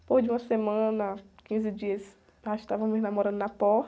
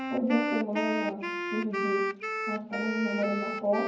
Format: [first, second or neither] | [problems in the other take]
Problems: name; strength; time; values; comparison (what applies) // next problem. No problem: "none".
first | background sound (Wind instrument, woodwind instrument); 1 dB below the speech // room echo; dies away in 0.9 s